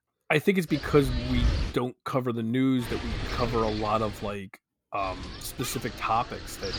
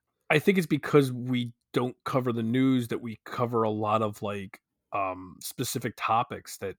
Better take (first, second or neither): second